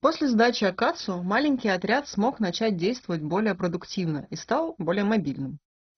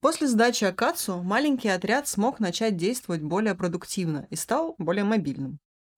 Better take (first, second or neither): second